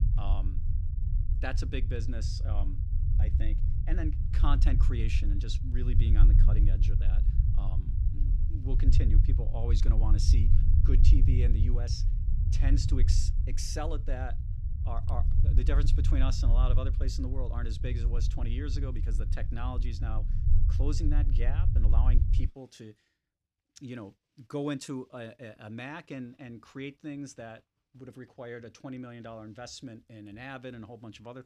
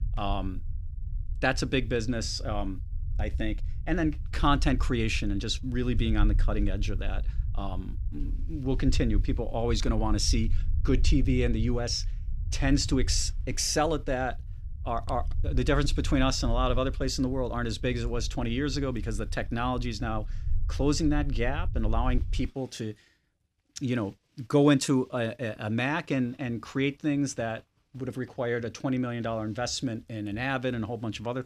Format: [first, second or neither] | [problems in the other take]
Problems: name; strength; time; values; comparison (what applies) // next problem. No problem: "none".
second | low rumble; loud; until 22 s; 5 dB below the speech; faint in the second